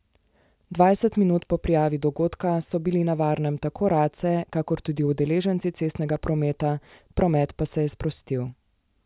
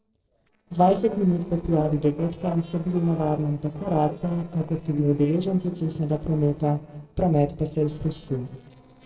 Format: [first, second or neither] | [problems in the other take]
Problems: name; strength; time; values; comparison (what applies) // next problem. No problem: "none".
first | noise reduction (neural separator model SepFormer DNS4)